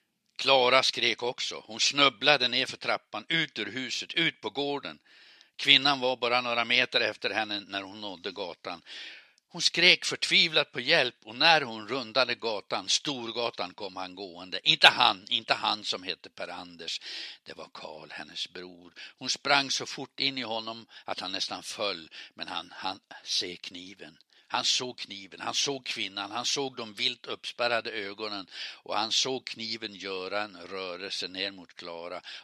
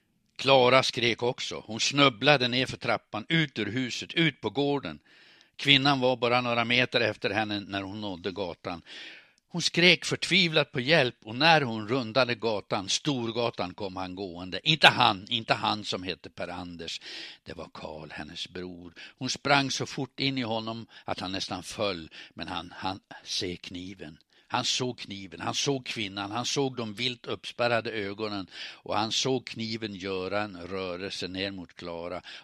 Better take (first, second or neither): second